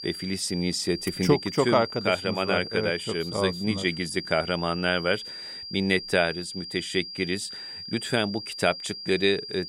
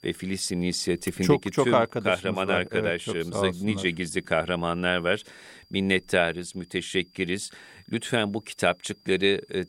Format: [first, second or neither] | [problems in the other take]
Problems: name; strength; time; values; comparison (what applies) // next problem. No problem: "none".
second | high-pitched whine; loud; throughout; 5 kHz, 9 dB below the speech; faint in the second